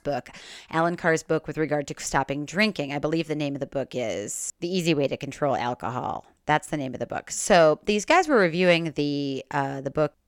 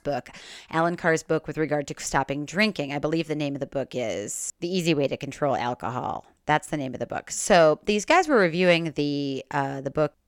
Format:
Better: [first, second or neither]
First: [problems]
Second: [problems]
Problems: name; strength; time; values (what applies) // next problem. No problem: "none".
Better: neither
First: none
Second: none